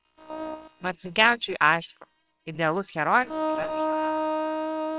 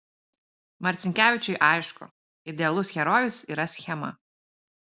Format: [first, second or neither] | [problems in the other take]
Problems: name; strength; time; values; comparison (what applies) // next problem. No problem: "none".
second | noise reduction (neural separator model SepFormer WHAMR!)